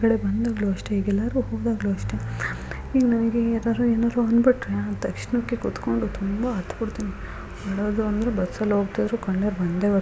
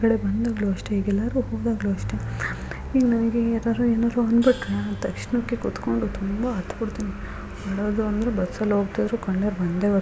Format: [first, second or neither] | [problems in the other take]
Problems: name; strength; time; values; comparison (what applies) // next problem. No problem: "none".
first | background sound (Bus + Gong); 18 dB below the speech